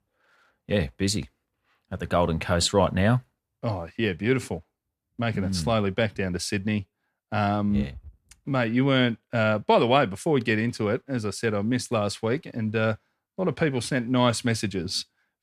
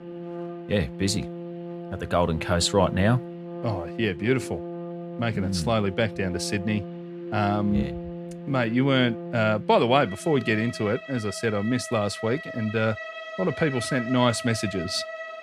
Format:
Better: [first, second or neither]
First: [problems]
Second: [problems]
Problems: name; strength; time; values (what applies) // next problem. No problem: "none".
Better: first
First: none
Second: background music; noticeable; throughout; 10 dB below the speech